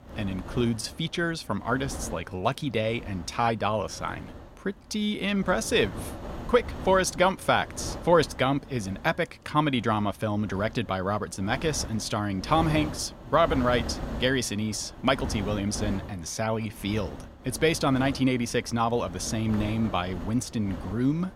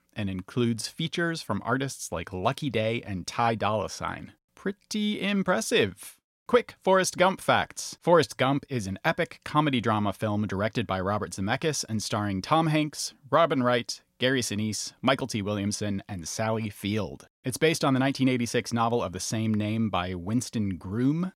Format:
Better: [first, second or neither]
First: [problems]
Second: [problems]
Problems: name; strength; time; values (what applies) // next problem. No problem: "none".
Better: second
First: wind noise on the microphone; occasional gusts; 15 dB below the speech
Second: none